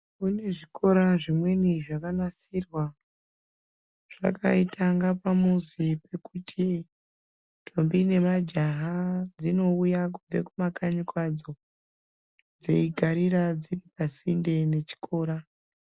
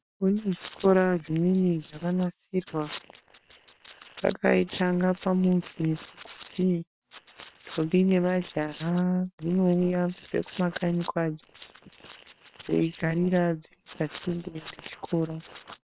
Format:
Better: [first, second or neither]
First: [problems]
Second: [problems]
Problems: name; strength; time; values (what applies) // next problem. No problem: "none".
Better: first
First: none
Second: noise reduction (neural separator model SepFormer WHAM!)